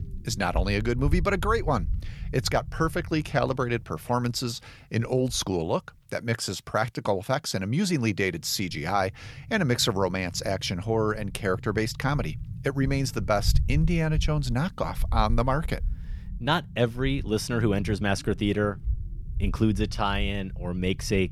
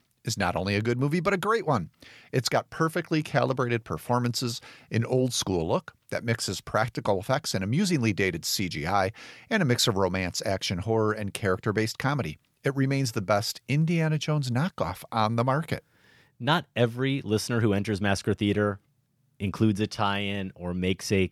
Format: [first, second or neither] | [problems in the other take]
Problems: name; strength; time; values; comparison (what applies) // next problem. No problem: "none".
second | low rumble; faint; throughout; 25 dB below the speech